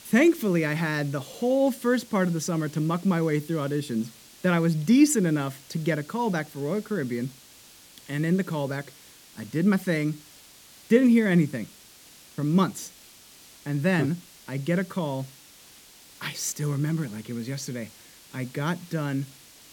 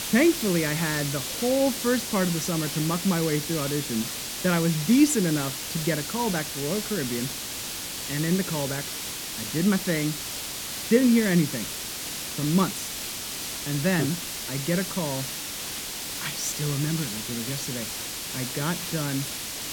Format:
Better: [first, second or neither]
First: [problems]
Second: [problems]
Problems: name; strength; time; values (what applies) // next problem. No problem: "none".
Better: first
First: hiss; faint; throughout; 20 dB below the speech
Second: hiss; loud; throughout; 4 dB below the speech